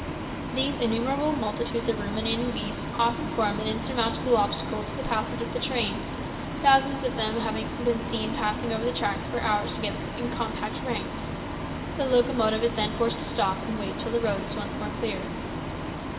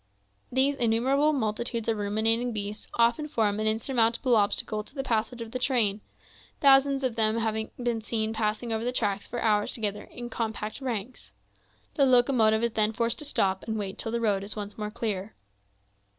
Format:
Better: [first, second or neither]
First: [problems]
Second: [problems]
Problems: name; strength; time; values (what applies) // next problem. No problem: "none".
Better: second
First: background sound (Bus); 4 dB below the speech // room echo; dies away in 1.9 s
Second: none